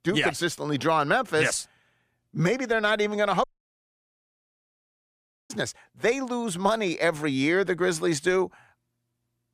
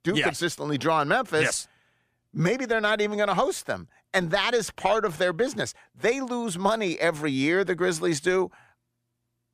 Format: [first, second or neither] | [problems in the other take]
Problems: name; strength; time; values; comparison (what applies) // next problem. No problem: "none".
second | audio cutting out; at 3.5 s for 2 s